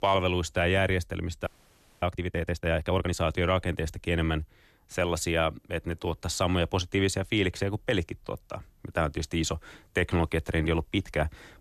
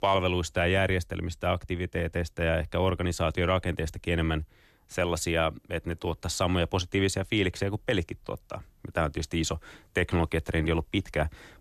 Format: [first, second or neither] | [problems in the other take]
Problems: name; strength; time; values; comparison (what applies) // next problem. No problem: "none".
second | audio freezing; at 1.5 s for 0.5 s